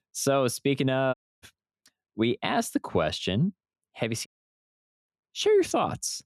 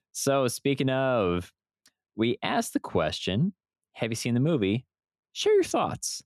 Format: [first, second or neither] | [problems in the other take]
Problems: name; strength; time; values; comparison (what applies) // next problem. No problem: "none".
second | audio cutting out; at 1 s and at 4.5 s for 1 s